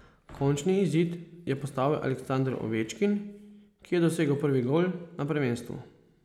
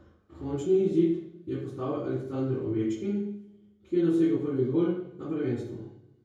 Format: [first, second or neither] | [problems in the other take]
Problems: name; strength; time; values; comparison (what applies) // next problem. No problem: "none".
first | room echo; dies away in 0.6 s